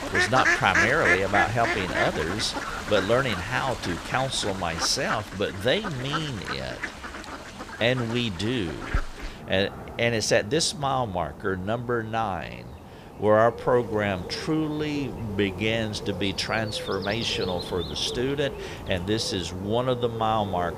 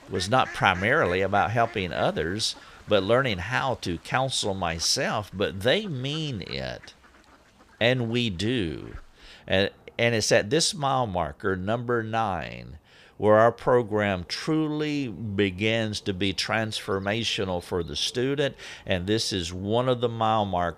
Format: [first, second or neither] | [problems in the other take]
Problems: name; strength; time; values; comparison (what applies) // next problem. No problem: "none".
second | animal sounds; loud; throughout; 5 dB below the speech; faint in the second